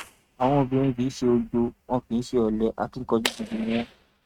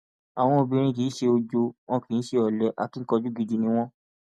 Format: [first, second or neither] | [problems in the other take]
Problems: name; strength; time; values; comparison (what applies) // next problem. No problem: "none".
second | noise reduction (neural mask model RNNoise)